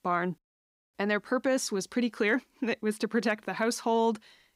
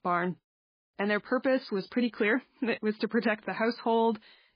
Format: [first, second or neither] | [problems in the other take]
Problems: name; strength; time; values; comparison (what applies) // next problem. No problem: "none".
first | garbled, watery; badly